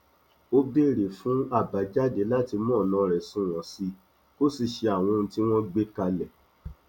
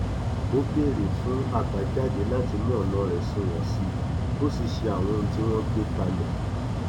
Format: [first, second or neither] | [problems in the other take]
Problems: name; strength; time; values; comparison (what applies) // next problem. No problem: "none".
first | background sound (Mechanical fan); 3 dB above the speech